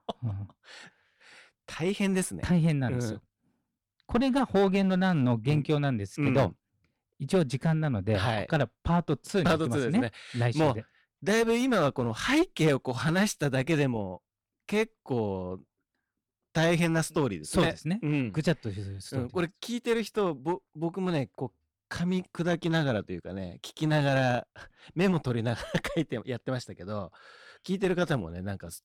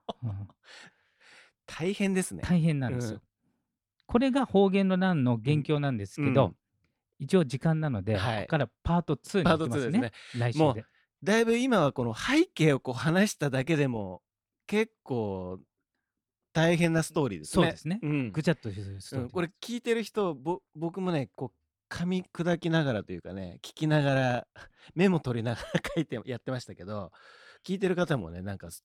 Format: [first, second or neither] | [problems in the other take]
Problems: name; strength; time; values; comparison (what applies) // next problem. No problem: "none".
second | distortion; slight; 5% of the sound clipped